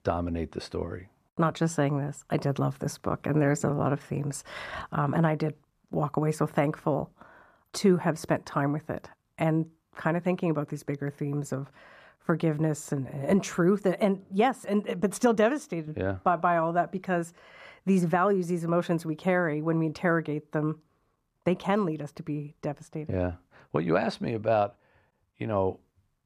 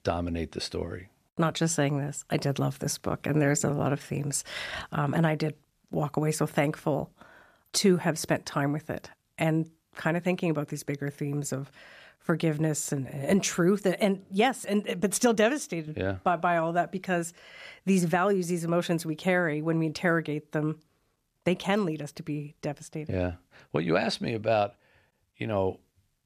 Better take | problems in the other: second | muffled; slightly; fading above 2 kHz

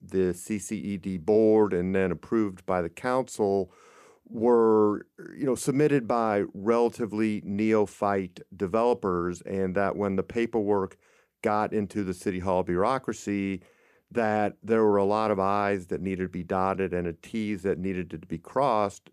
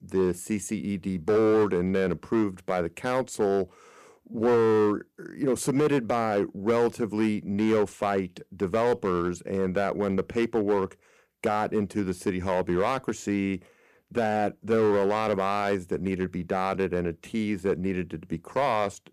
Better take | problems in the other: first | distortion; slight; 5% of the sound clipped

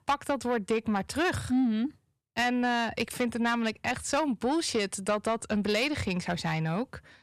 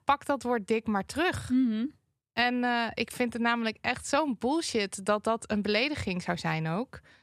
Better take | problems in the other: second | distortion; slight; 10 dB below the speech

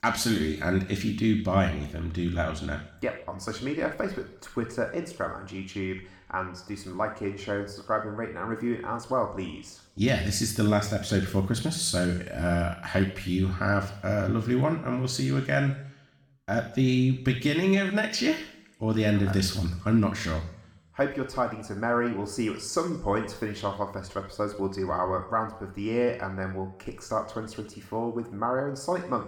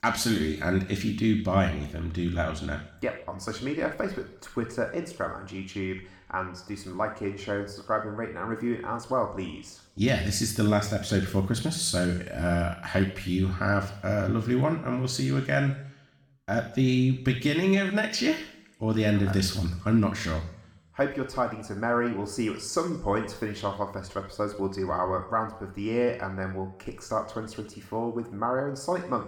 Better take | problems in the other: neither | room echo; slight; dies away in 0.7 s; the same in both // off-mic speech; somewhat distant; the same in both

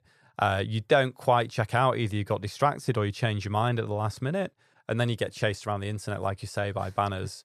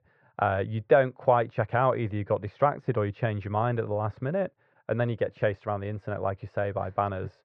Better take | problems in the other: first | muffled; very; fading above 2 kHz

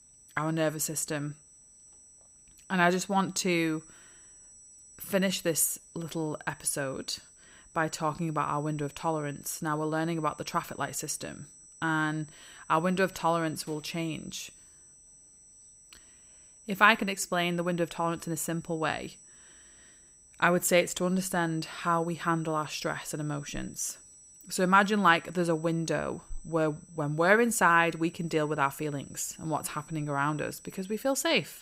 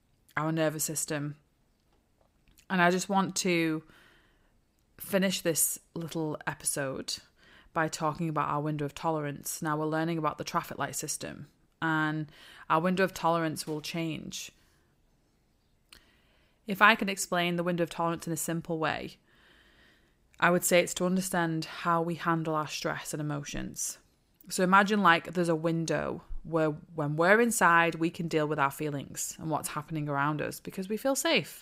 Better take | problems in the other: second | high-pitched whine; faint; throughout; 8 kHz, 25 dB below the speech

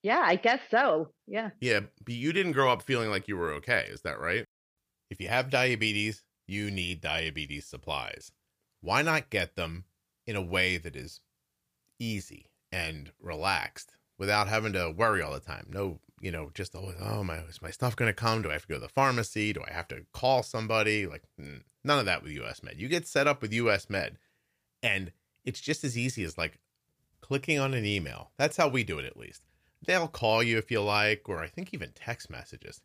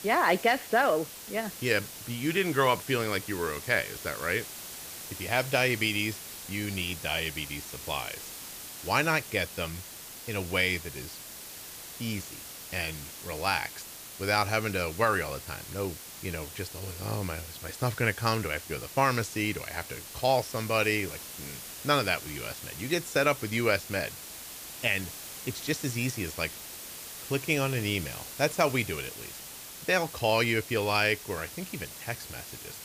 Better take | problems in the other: first | hiss; noticeable; throughout; 10 dB below the speech

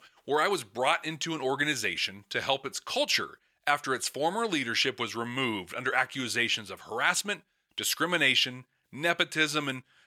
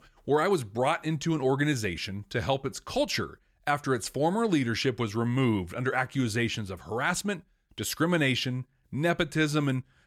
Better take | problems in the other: second | thin; somewhat; fading below 800 Hz

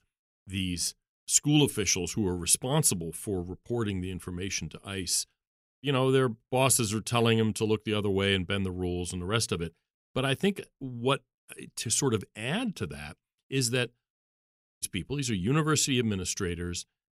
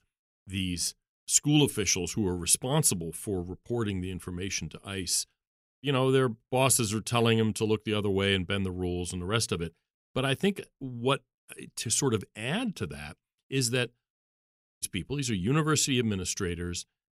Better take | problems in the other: neither | audio cutting out; at 14 s; the same in both

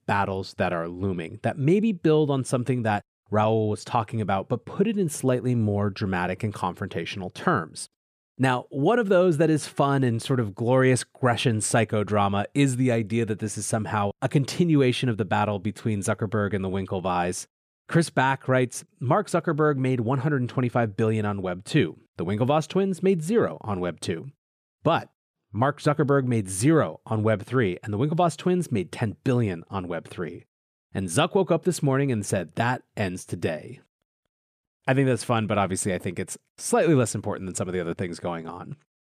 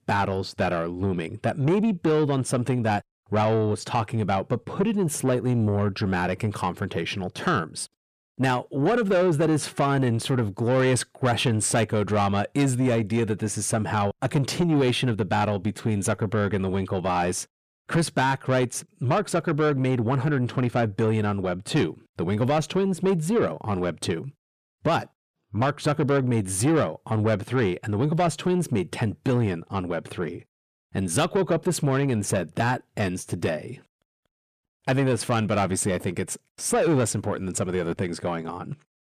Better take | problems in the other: first | distortion; slight; 10 dB below the speech

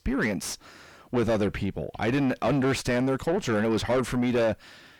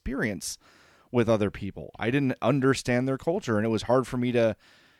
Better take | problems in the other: second | distortion; heavy; 5 dB below the speech

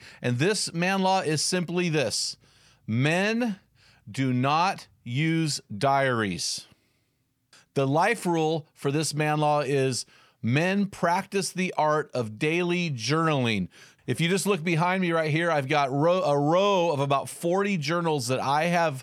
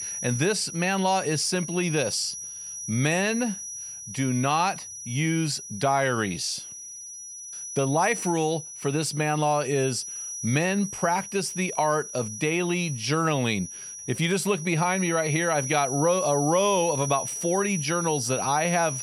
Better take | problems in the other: first | high-pitched whine; loud; throughout; 6 kHz, 8 dB below the speech

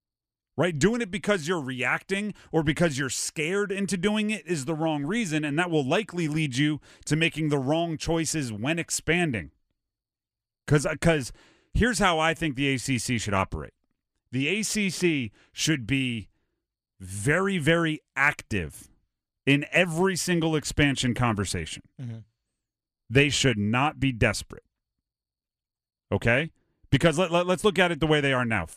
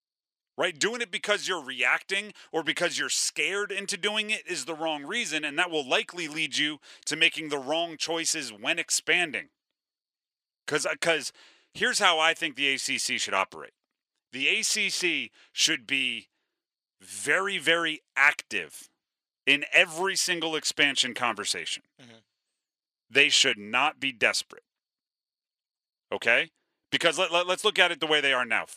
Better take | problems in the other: first | thin; somewhat; fading below 450 Hz

